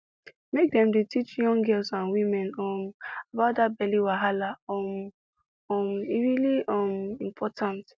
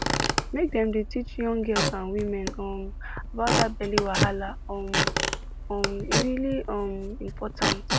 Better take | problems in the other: first | background sound (Squeak / Wood); 1 dB above the speech

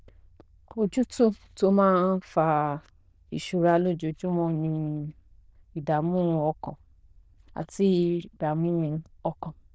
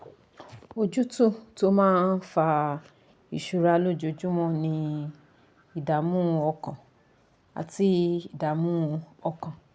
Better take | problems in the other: second | noise reduction (neural diffusion model UNIVERSE++)

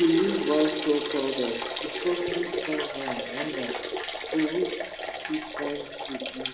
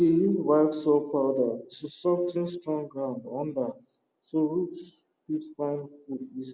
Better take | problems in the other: second | background sound (Liquid); 4 dB below the speech // room echo; dies away in 1.2 s

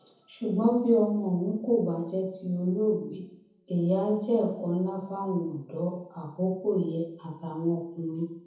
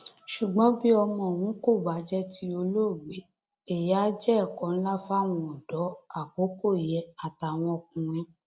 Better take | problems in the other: second | room echo; dies away in 0.7 s

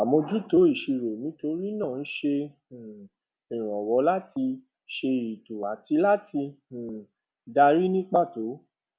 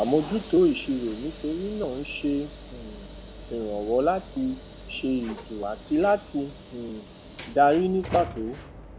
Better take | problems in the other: first | background sound (Sliding door / Hiss); 15 dB below the speech

